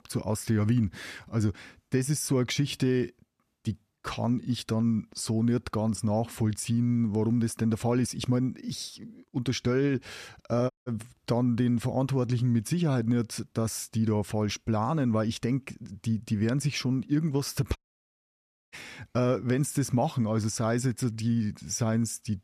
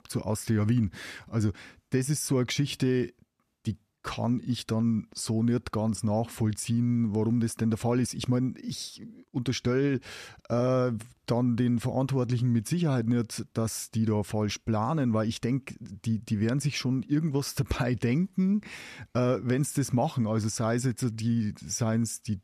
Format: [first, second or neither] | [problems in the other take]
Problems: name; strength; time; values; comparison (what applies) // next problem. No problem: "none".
second | audio cutting out; at 11 s and at 18 s for 1 s